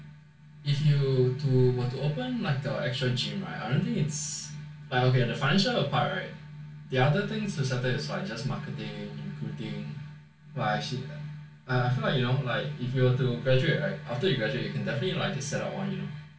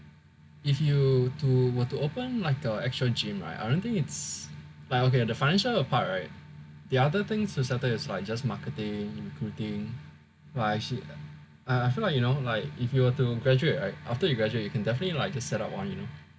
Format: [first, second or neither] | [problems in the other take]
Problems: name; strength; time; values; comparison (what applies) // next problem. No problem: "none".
second | room echo; dies away in 0.3 s